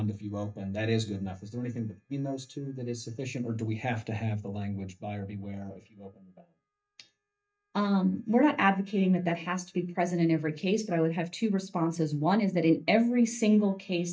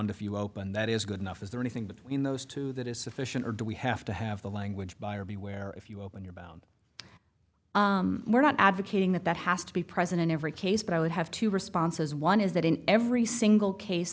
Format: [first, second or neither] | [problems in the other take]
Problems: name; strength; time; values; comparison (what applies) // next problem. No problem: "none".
second | noise reduction (neural mask model DeepFilterNet 3)